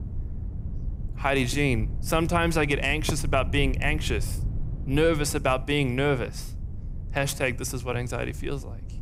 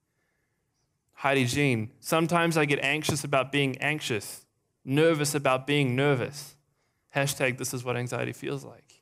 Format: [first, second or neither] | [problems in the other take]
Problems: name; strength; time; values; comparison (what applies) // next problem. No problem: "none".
second | low rumble; faint; throughout; 20 dB below the speech